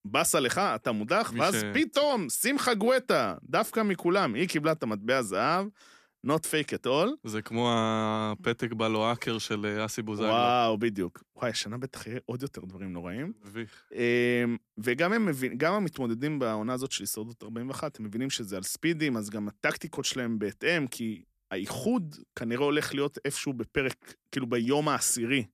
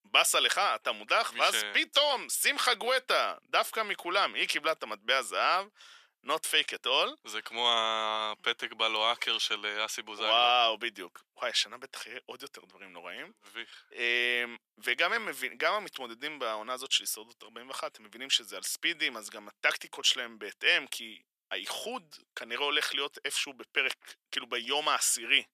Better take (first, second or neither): first